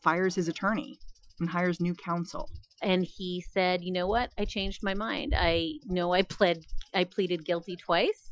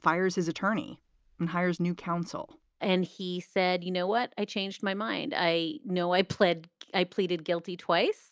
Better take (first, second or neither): second